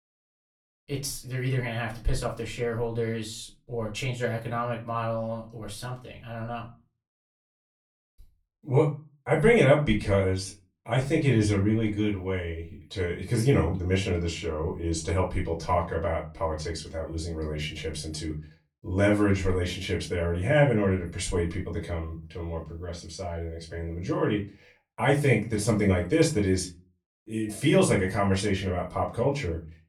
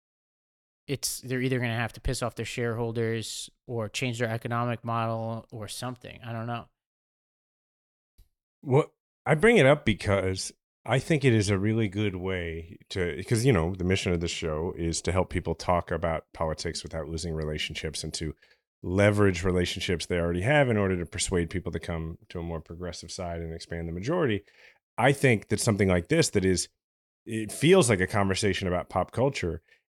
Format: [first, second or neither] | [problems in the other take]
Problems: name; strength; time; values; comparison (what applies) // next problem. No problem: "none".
second | off-mic speech; far // room echo; very slight; dies away in 0.3 s